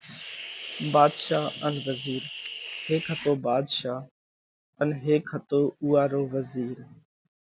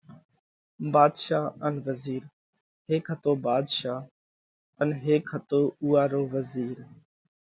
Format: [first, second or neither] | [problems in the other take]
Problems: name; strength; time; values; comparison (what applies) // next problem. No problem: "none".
second | background sound (Hiss); 11 dB below the speech